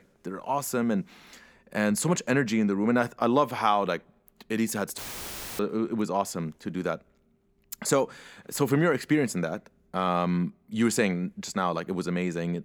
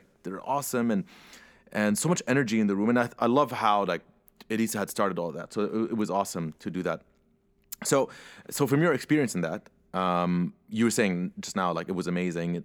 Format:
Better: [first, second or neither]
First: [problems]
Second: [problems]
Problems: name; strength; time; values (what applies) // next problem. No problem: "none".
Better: second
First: audio cutting out; filled with static; at 5 s for 0.5 s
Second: none